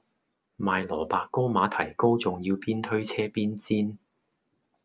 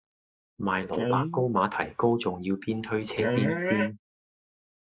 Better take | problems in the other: first | noise reduction (neural mask model Resemble Enhance denoiser)

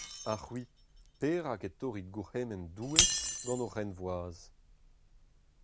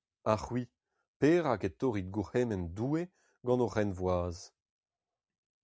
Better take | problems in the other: second | background sound (Shatter); 1 dB above the speech

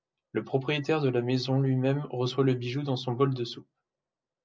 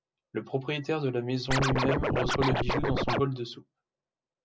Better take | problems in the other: first | background sound (Scratching (performance technique)); 3 dB above the speech

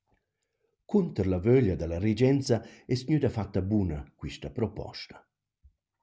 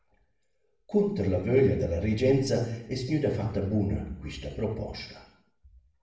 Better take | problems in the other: first | room echo; dies away in 0.7 s

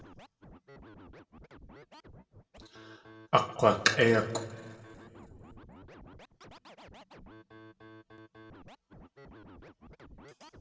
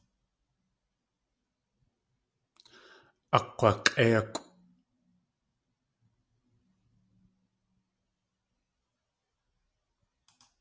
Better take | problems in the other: second | background sound (Scratching (performance technique)); 18 dB below the speech // room echo; dies away in 1.5 s

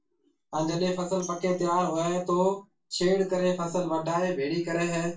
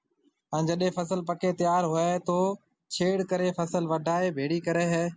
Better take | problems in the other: second | noise reduction (neural separator model SepFormer DNS4)

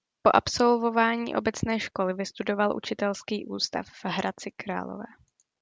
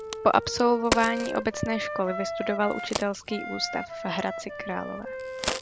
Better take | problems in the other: first | background sound (Crack + Wind instrument, woodwind instrument); 5 dB below the speech

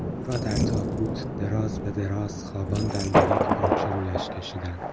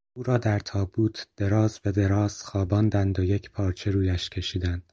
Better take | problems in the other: second | background sound (Thunder + Keys jangling); 4 dB above the speech

